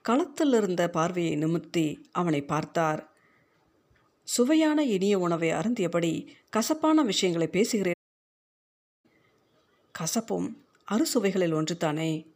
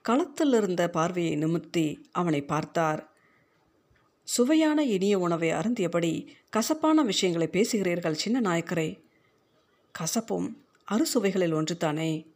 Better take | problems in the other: second | audio cutting out; at 8 s for 1 s

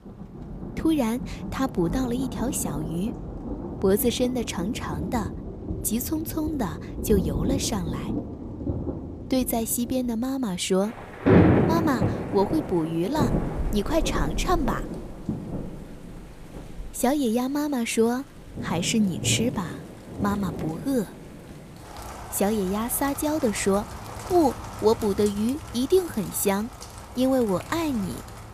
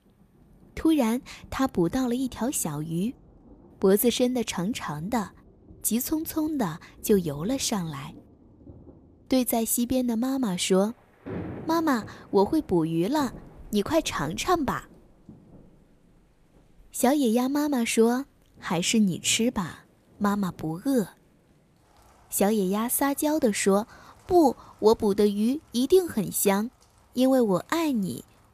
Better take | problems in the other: second | rain or running water; loud; throughout; 5 dB below the speech; faint in the second

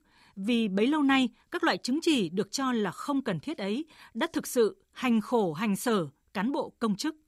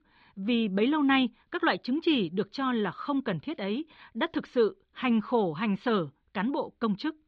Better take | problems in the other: first | muffled; slightly; fading above 4 kHz

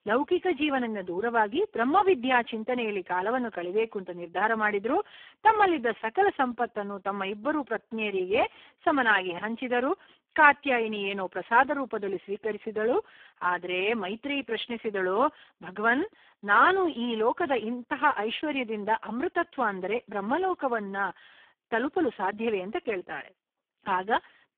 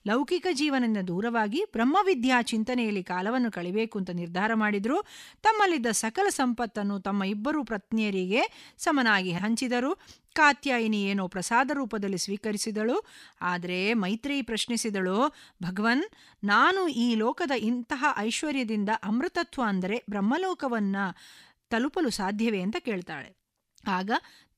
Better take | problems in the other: second | phone-call audio; poor line

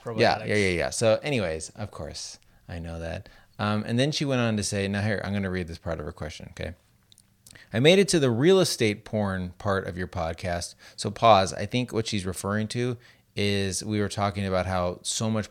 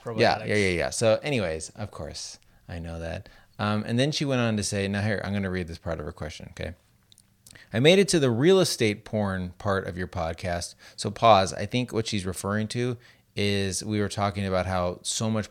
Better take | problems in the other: neither | none

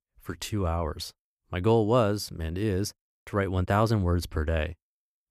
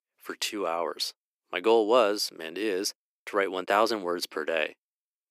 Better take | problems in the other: first | thin; very; fading below 300 Hz

